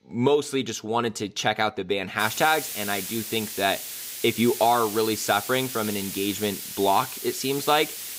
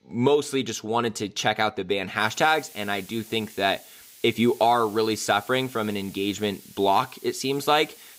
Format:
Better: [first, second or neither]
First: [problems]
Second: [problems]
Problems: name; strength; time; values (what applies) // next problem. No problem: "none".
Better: second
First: hiss; loud; from 2 s on; 7 dB below the speech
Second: hiss; faint; from 2 s on; 20 dB below the speech